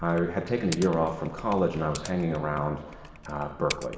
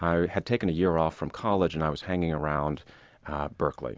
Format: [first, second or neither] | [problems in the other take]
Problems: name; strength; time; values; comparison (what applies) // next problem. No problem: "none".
second | background sound (Typing); 14 dB below the speech // room echo; dies away in 2 s